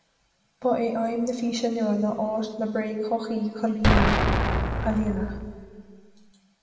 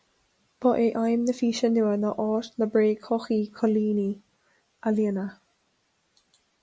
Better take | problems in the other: second | background sound (Explosion); 3 dB above the speech // room echo; dies away in 2 s

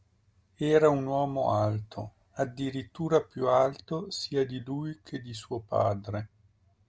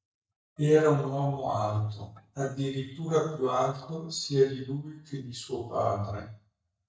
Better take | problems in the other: first | noise reduction (neural mask model DeepFilterNet 3)

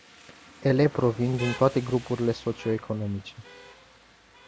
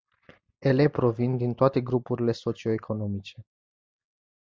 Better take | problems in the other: second | background sound (Rain); 17 dB below the speech

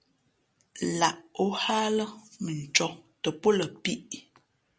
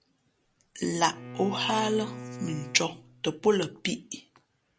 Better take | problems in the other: first | background sound (Bowed string instrument); 13 dB below the speech

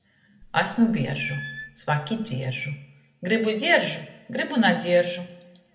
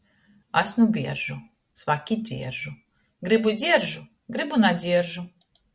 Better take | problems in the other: second | background sound (Squeak / Screech); 17 dB below the speech // room echo; dies away in 0.8 s

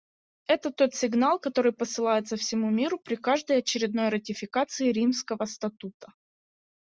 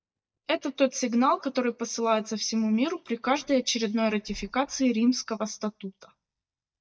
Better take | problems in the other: first | noise reduction (neural mask model DeepFilterNet 3)

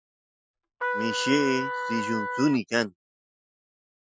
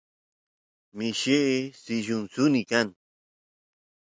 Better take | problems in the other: second | noise reduction (classical method Wiener filter)

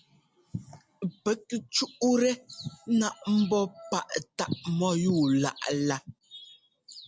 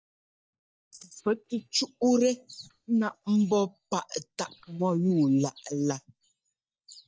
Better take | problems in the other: first | noise reduction (neural mask model DeepFilterNet 3)

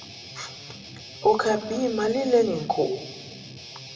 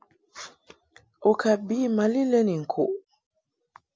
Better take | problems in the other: second | background sound (Guitar); 15 dB below the speech // room echo; dies away in 1.1 s

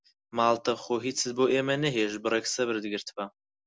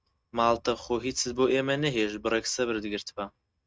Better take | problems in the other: first | noise reduction (neural mask model RNNoise)

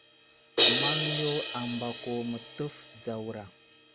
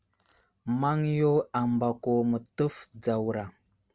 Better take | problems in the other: second | background sound (Crash cymbal); 3 dB above the speech

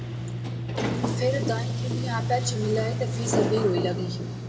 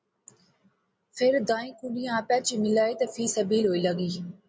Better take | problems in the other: second | background sound (Sliding door); 2 dB above the speech // room echo; dies away in 0.6 s

